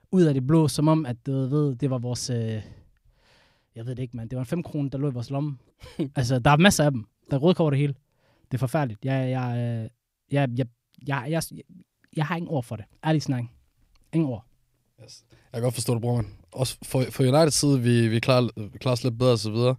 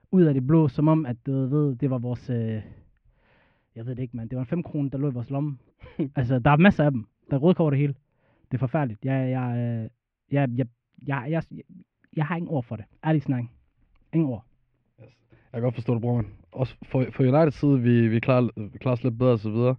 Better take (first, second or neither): first